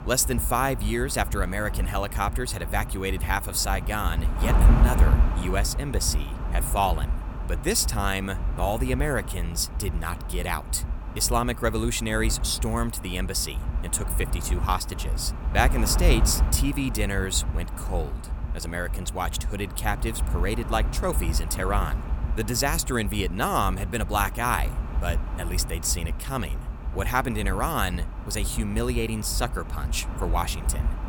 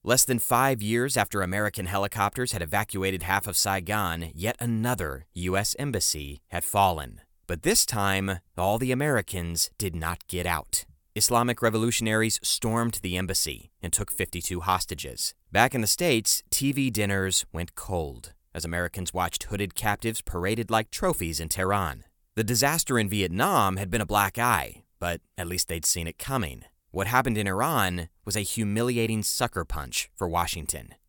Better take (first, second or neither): second